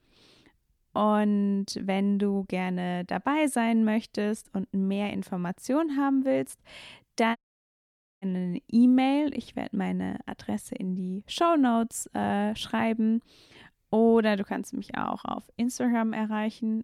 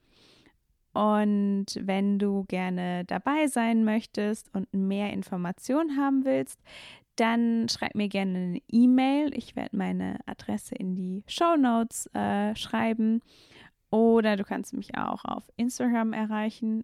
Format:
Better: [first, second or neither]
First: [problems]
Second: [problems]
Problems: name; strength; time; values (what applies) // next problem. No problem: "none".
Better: second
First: audio cutting out; at 7.5 s for 1 s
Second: none